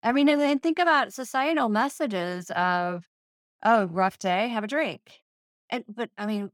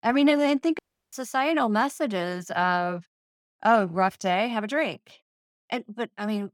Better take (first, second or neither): first